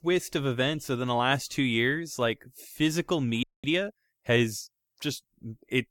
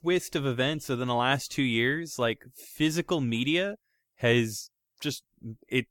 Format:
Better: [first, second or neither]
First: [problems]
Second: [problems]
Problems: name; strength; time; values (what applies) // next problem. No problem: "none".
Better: second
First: audio freezing; at 3.5 s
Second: none